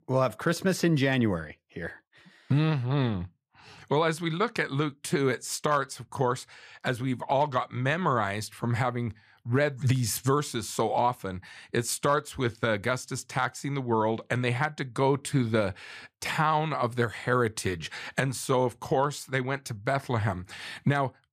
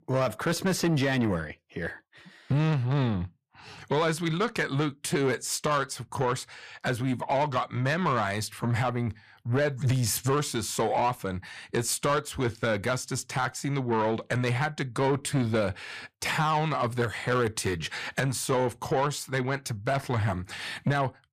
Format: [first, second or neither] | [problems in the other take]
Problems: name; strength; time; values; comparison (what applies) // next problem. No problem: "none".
first | distortion; slight; 10 dB below the speech